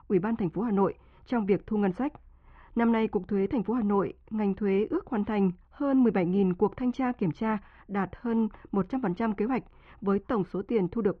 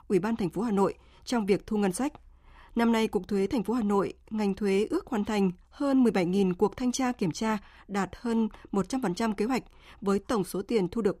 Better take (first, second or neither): second